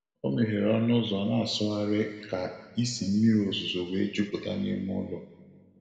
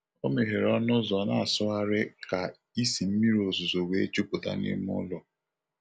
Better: second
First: room echo; dies away in 1.7 s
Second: none

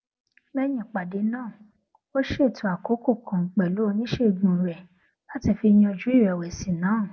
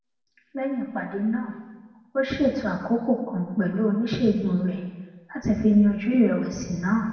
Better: first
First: none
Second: room echo; dies away in 1.1 s

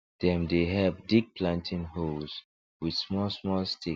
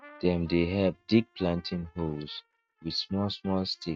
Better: first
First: none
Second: noise reduction (neural mask model RNNoise)

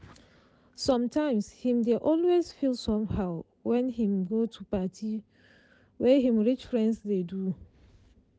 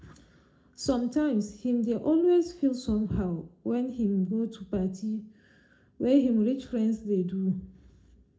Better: first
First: none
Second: room echo; dies away in 0.3 s

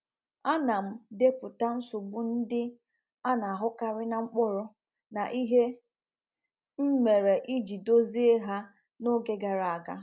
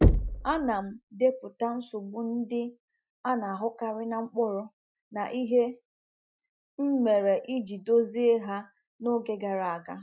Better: first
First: none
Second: noise reduction (classical method Wiener filter)

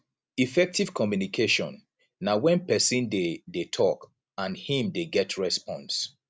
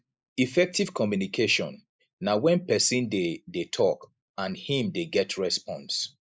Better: first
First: none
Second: noise reduction (neural mask model Resemble Enhance denoiser)

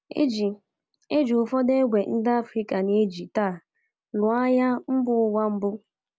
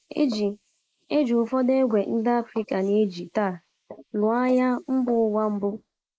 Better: first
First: none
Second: noise reduction (neural mask model Resemble Enhance denoiser)

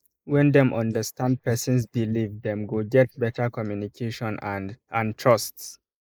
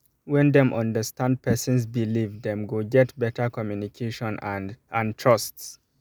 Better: second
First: noise reduction (neural mask model Resemble Enhance denoiser)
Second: none

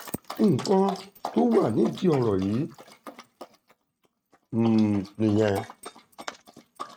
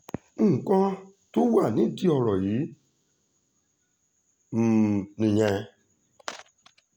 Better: second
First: noise reduction (neural mask model RNNoise)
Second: none

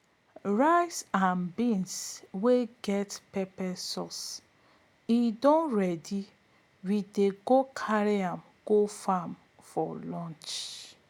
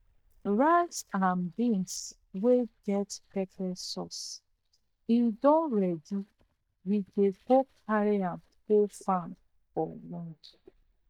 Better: first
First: none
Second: noise reduction (neural mask model DeepFilterNet 3)

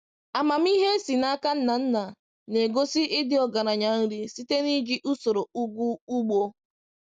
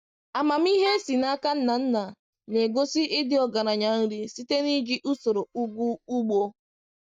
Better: first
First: none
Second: noise reduction (neural mask model DeepFilterNet 3)

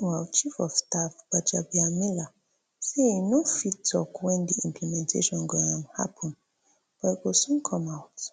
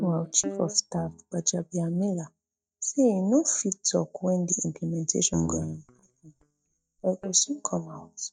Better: first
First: none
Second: noise reduction (neural mask model DeepFilterNet 3)

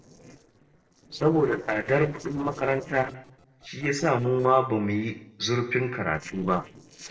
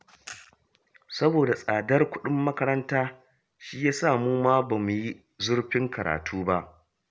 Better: second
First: noise reduction (neural separator model SepFormer DNS4)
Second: none

